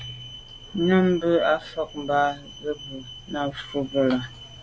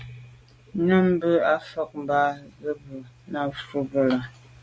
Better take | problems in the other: second | background sound (Alarm); 17 dB below the speech

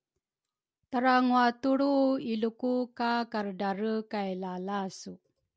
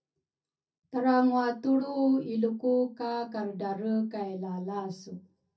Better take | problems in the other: first | room echo; dies away in 0.3 s

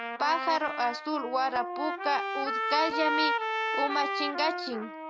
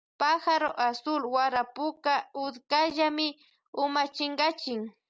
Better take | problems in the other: second | background sound (Trumpet); 1 dB below the speech

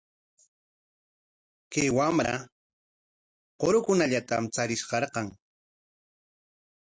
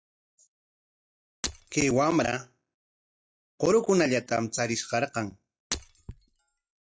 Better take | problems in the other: first | noise reduction (classical method log-MMSE)

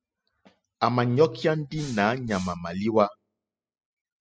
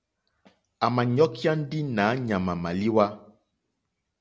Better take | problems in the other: second | noise reduction (classical method spectral subtraction)

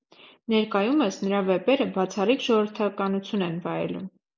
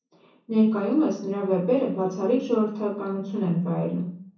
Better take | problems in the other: first | room echo; dies away in 0.6 s

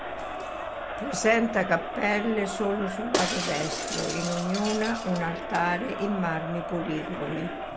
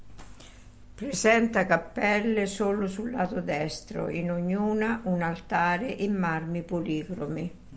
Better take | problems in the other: second | background sound (Crowd + Shatter); 4 dB below the speech

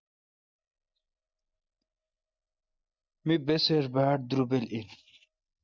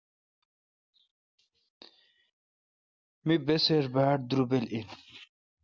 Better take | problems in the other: second | noise reduction (neural mask model DeepFilterNet 3)

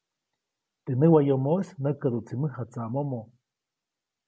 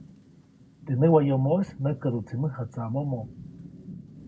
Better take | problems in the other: first | background sound (Rain / Thunderstorm); 18 dB below the speech // room echo; dies away in 0.3 s

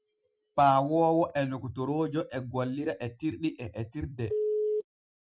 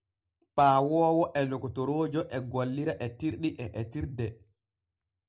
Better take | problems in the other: second | noise reduction (classical method Wiener filter)

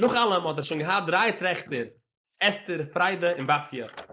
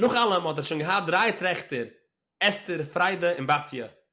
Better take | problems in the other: second | noise reduction (neural mask model Resemble Enhance denoiser)

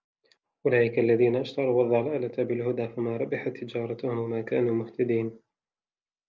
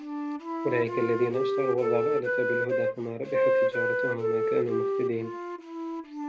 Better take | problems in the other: first | background sound (Wind instrument, woodwind instrument); 3 dB above the speech

